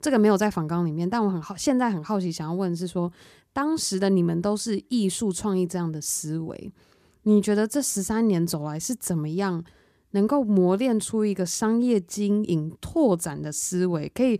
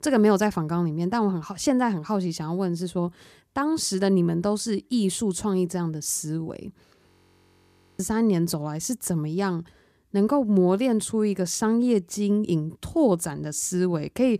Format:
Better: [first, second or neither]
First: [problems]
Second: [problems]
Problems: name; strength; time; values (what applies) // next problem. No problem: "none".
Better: first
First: none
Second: audio freezing; at 7 s for 1 s